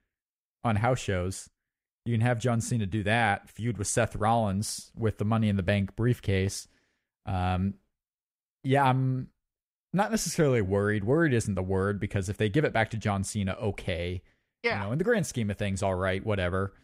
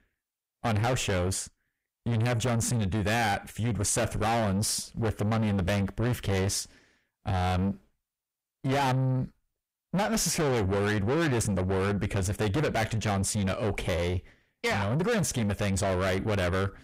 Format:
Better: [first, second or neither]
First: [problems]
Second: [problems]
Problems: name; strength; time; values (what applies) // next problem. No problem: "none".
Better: first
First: none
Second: distortion; heavy; 5 dB below the speech